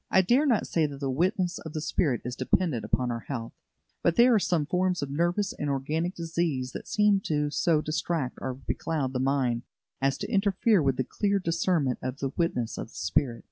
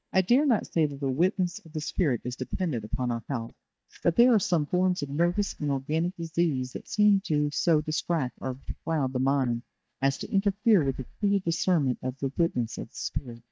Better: first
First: none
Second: noise reduction (neural mask model DeepFilterNet 3)

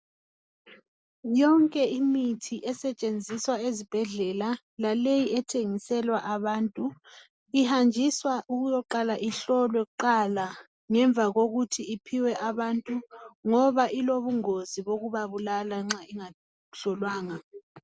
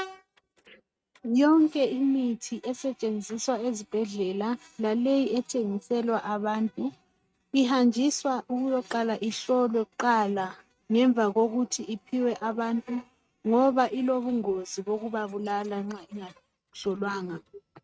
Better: first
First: none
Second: noise reduction (neural mask model RNNoise)

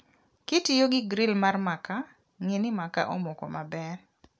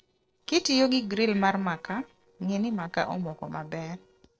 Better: first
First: none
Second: noise reduction (neural separator model SepFormer DNS4)

